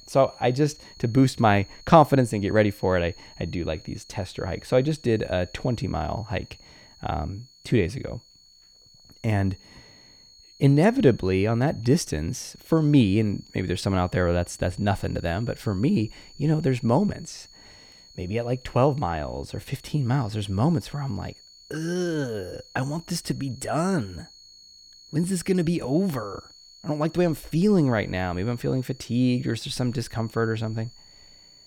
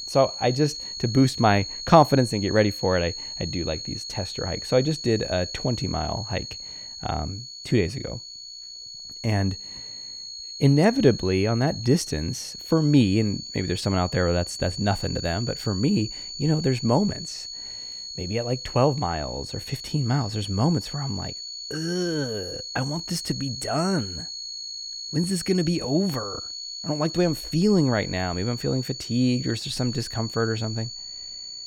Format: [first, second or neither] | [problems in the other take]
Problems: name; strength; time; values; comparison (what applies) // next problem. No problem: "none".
first | high-pitched whine; loud; throughout; 4.5 kHz, 8 dB below the speech; faint in the first